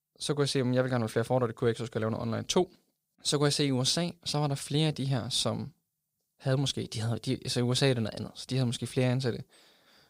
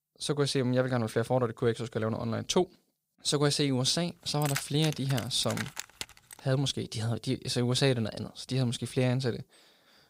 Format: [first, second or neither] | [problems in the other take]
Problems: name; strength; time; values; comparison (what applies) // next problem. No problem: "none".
first | jangling keys; noticeable; from 4.5 to 6.5 s; peak 6 dB below the speech